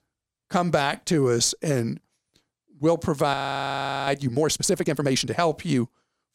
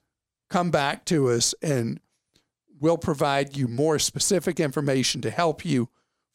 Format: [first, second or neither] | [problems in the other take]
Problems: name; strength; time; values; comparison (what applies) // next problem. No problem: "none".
second | audio freezing; at 3.5 s for 0.5 s